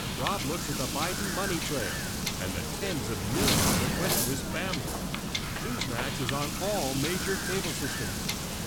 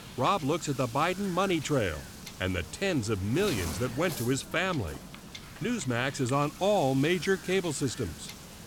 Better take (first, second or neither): second